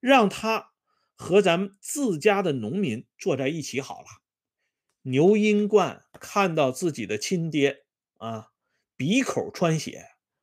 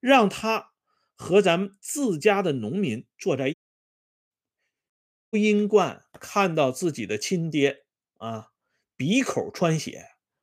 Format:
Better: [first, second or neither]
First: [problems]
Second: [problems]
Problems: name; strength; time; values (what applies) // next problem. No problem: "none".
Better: first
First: none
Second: audio cutting out; at 3.5 s for 1 s and at 5 s